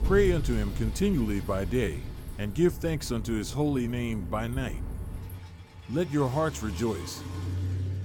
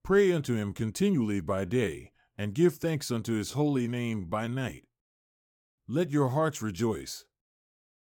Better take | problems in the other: second | traffic noise; loud; throughout; 8 dB below the speech

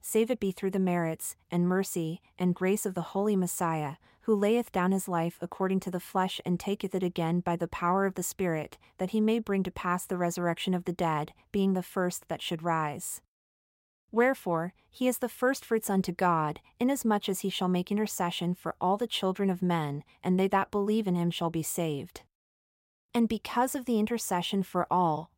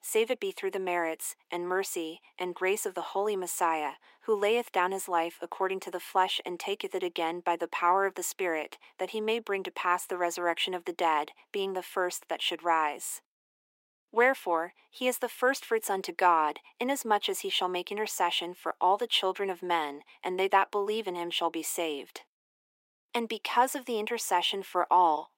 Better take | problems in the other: first | thin; very; fading below 300 Hz

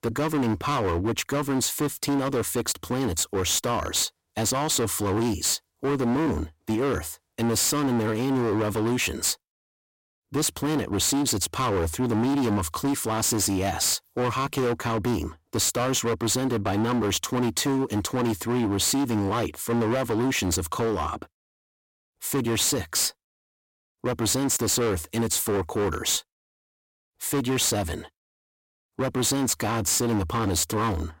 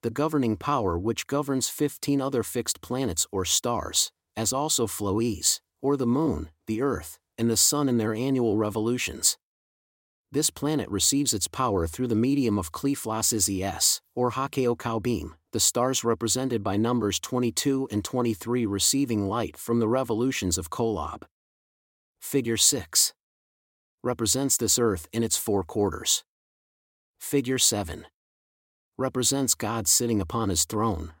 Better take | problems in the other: second | distortion; heavy; 24% of the sound clipped

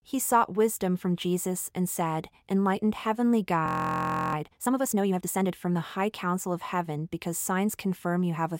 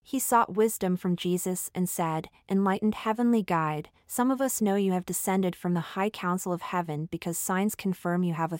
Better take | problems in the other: second | audio freezing; at 3.5 s for 0.5 s

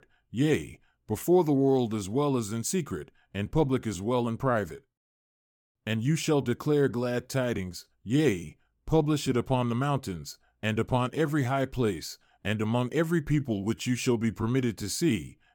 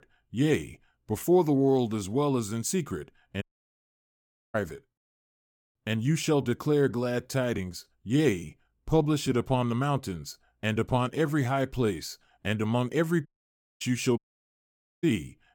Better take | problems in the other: first | audio cutting out; at 3.5 s for 1 s, at 13 s for 0.5 s and at 14 s for 1 s

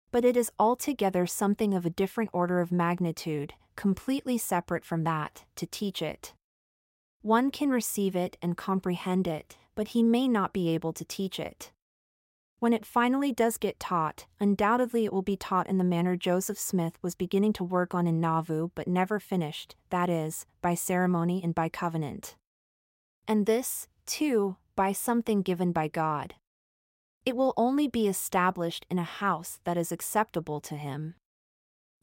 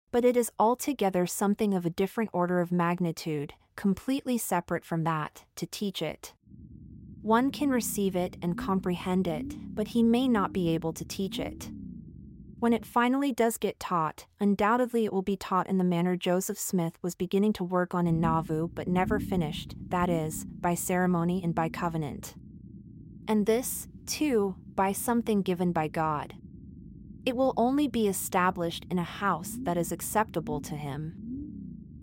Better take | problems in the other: first | low rumble; noticeable; from 6.5 to 13 s and from 18 s on; 20 dB below the speech

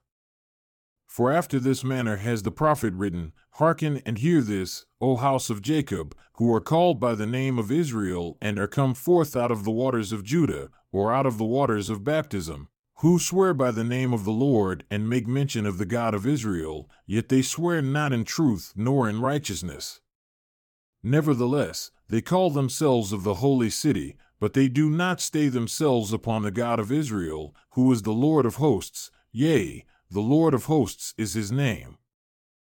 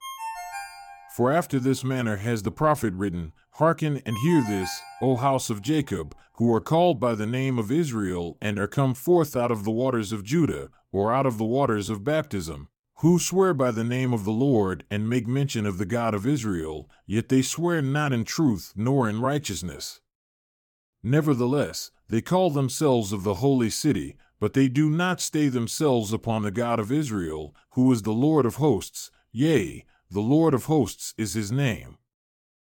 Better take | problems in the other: first | phone ringing; noticeable; until 5 s; peak 9 dB below the speech

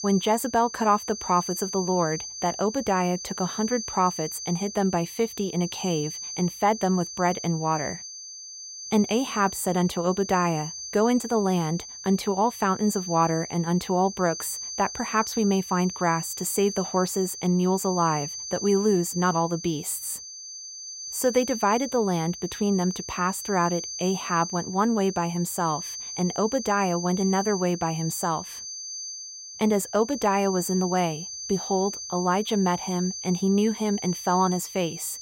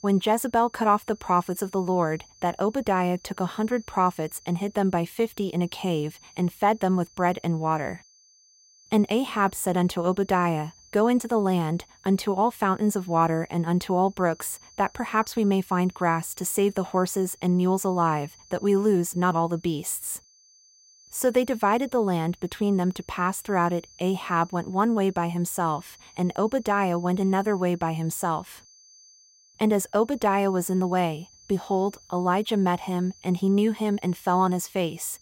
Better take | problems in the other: second | high-pitched whine; loud; throughout; 6 kHz, 9 dB below the speech; faint in the second

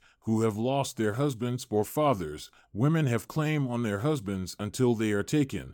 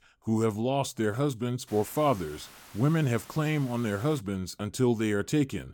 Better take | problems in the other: first | hiss; faint; from 1.5 to 4 s; 20 dB below the speech

